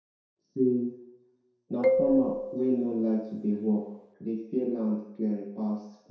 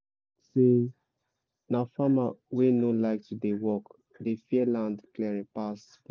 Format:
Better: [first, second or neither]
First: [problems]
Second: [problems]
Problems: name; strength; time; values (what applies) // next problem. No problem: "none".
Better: second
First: background sound (Marimba, xylophone); 1 dB below the speech // room echo; dies away in 0.7 s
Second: none